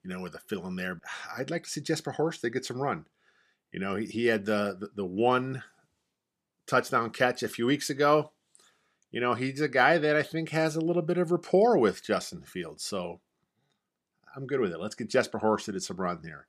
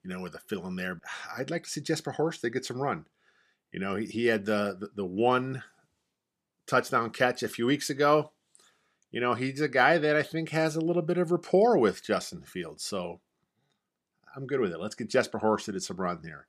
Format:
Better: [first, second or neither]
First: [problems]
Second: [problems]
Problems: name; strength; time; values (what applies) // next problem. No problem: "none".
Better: neither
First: none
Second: none